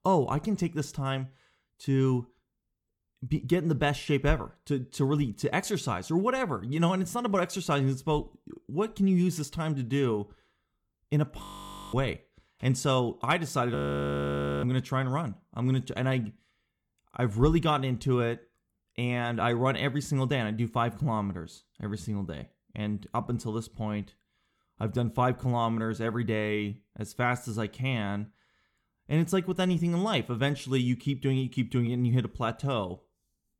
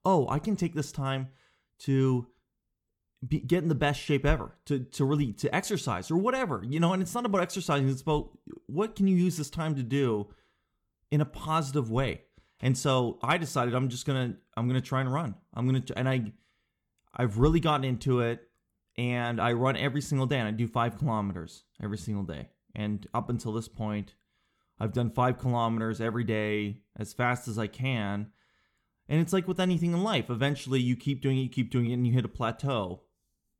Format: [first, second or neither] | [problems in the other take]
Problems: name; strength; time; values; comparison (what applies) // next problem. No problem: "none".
second | audio freezing; at 11 s for 0.5 s and at 14 s for 1 s